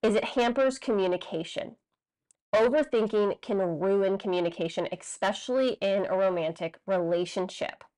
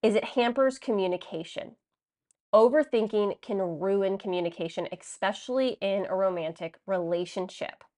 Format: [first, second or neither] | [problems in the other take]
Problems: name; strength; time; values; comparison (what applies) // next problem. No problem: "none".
second | distortion; slight; 10 dB below the speech